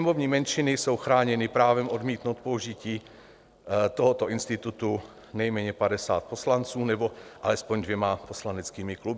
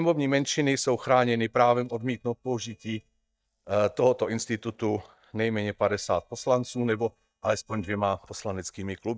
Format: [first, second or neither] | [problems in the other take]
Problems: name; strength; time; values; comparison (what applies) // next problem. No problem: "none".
first | noise reduction (neural mask model DeepFilterNet 3)